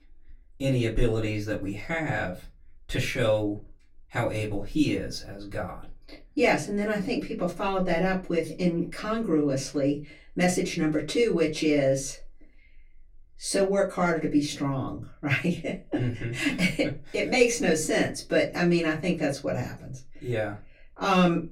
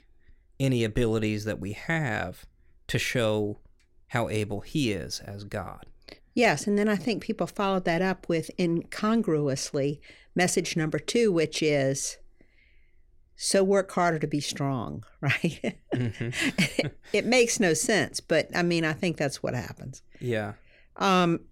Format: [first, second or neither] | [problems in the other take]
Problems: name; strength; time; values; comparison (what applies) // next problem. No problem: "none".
second | off-mic speech; far // room echo; very slight; dies away in 0.2 s